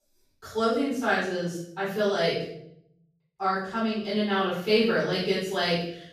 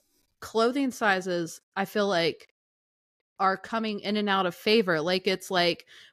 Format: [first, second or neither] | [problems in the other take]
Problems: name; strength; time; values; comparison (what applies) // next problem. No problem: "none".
second | off-mic speech; far // room echo; noticeable; dies away in 0.7 s